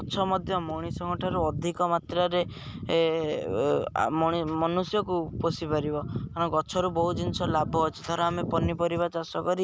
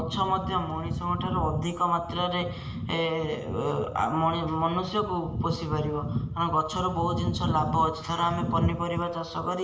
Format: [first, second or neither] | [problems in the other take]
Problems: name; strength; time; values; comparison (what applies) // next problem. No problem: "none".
first | room echo; dies away in 1.5 s